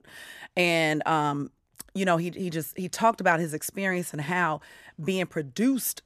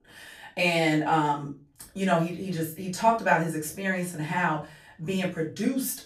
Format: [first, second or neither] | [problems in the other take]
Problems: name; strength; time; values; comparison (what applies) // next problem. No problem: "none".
first | room echo; slight; dies away in 0.3 s // off-mic speech; far